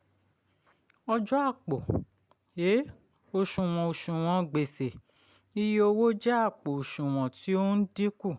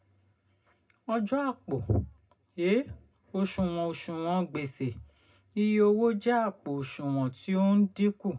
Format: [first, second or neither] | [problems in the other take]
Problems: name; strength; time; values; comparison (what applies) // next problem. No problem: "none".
first | room echo; dies away in 0.2 s